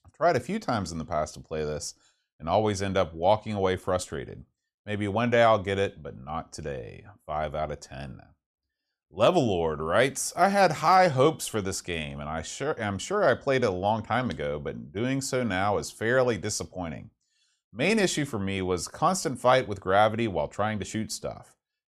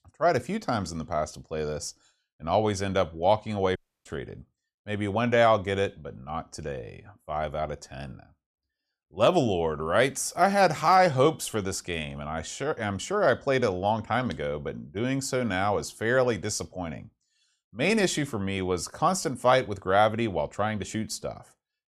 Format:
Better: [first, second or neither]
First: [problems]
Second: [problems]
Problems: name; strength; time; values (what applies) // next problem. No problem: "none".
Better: first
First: none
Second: audio cutting out; at 4 s